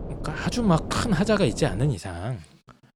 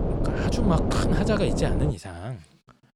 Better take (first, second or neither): first